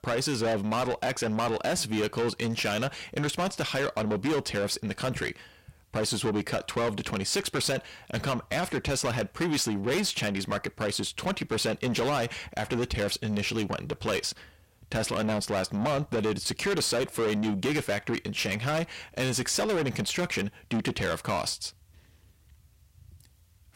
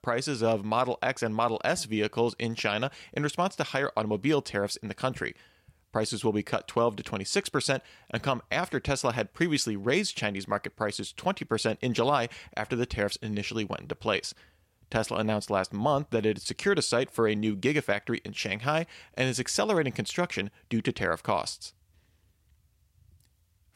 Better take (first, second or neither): second